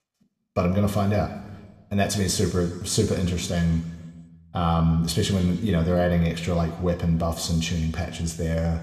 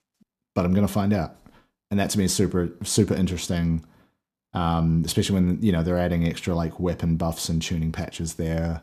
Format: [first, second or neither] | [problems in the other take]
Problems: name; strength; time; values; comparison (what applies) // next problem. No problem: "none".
second | room echo; slight; dies away in 1.2 s